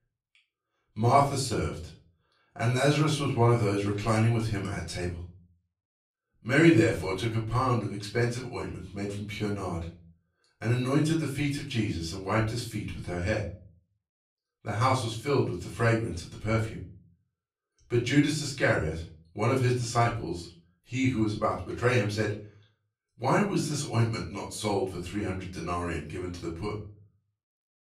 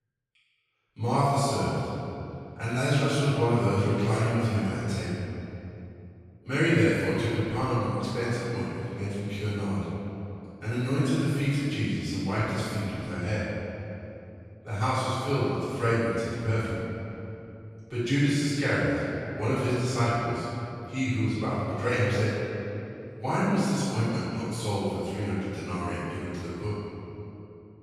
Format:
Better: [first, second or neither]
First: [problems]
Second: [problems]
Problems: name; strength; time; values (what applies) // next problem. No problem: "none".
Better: first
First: room echo; slight; dies away in 0.4 s // off-mic speech; far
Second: room echo; strong; dies away in 2.8 s // off-mic speech; far